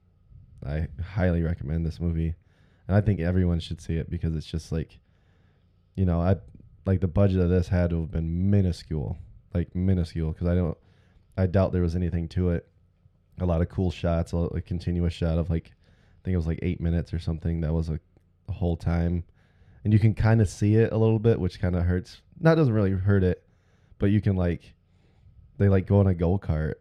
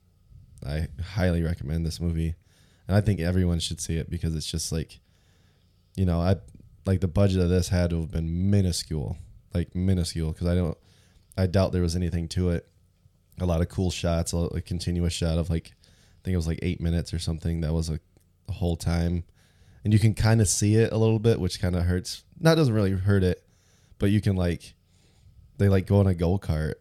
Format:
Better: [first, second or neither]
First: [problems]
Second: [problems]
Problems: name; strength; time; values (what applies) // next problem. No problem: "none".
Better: second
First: muffled; slightly; fading above 4 kHz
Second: none